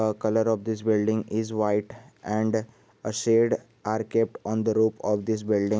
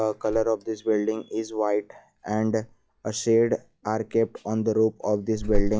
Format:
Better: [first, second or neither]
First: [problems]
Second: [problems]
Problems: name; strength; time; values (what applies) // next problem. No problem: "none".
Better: first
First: none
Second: noise reduction (classical method log-MMSE)